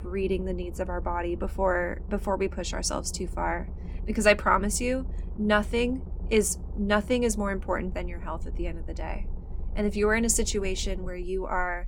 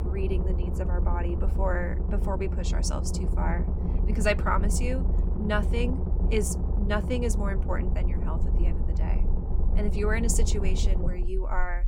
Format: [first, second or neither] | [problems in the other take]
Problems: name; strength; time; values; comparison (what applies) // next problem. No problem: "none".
first | low rumble; loud; throughout; 8 dB below the speech; faint in the first